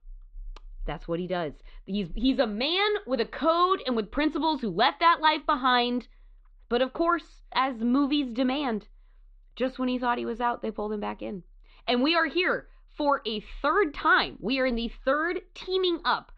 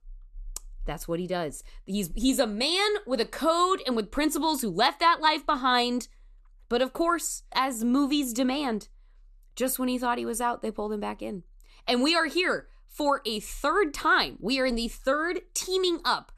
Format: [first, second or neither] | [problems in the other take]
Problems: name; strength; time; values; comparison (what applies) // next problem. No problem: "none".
second | muffled; very slightly; fading above 3.5 kHz